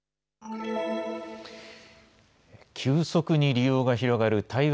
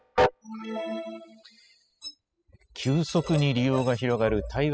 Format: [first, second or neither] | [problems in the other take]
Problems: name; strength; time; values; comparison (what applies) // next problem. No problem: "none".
first | noise reduction (classical method spectral subtraction)